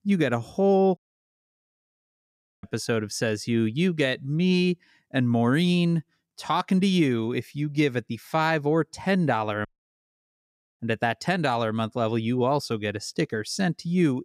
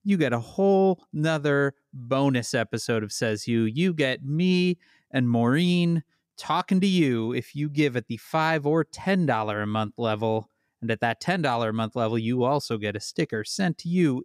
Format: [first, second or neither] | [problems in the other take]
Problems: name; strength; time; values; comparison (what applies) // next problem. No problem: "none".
second | audio cutting out; at 1 s for 1.5 s and at 9.5 s for 1 s